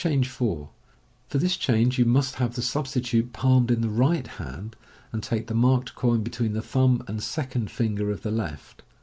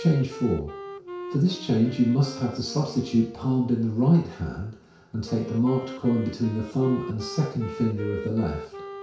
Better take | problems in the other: first | background sound (Wind instrument, woodwind instrument); 14 dB below the speech // room echo; dies away in 0.6 s

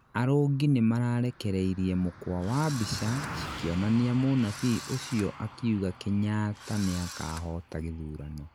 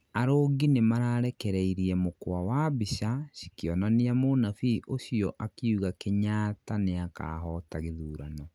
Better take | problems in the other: second | background sound (Car passing by + Engine / Drill); 14 dB below the speech

